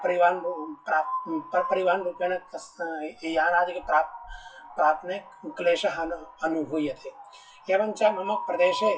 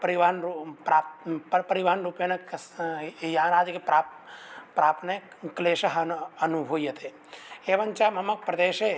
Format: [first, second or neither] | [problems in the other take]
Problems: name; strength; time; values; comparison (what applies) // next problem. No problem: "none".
second | noise reduction (classical method WPE with log-MMSE)